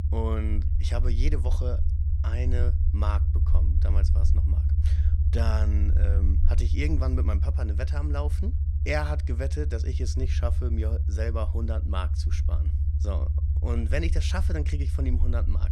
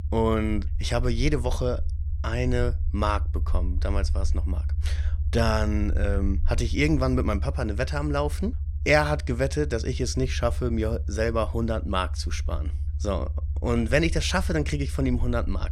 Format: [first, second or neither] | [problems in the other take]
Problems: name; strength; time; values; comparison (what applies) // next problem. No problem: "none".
second | low rumble; loud; throughout; 7 dB below the speech; faint in the second